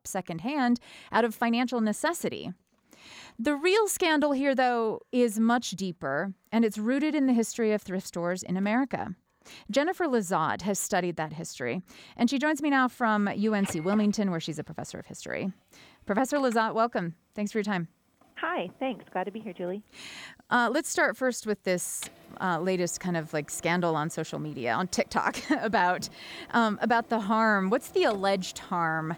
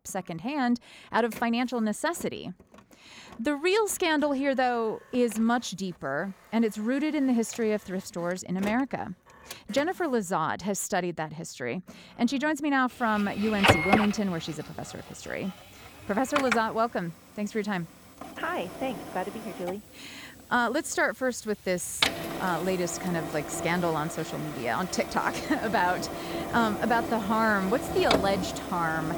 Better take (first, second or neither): first